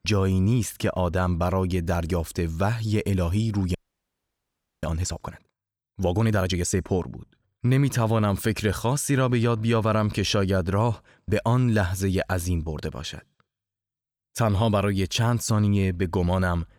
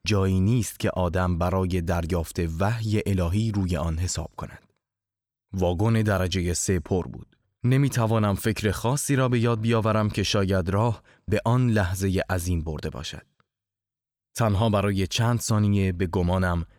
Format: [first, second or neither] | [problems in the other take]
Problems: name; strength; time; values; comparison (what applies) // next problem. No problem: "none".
second | audio freezing; at 4 s for 1 s